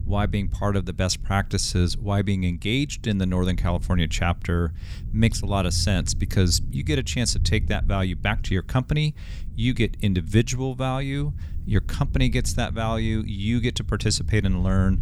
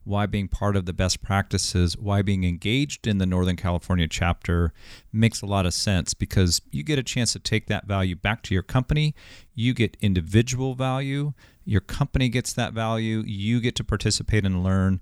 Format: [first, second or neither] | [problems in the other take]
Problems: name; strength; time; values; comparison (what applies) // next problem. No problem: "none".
second | low rumble; faint; throughout; 20 dB below the speech